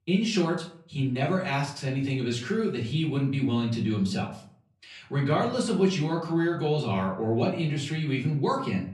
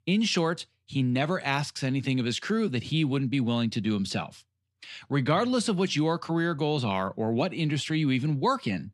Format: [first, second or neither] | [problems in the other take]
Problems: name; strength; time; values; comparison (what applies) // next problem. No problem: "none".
second | off-mic speech; far // room echo; slight; dies away in 0.4 s